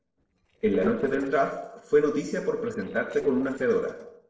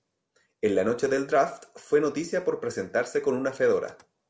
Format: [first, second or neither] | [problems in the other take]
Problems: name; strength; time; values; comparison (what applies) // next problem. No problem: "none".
second | noise reduction (neural separator model SepFormer DNS4)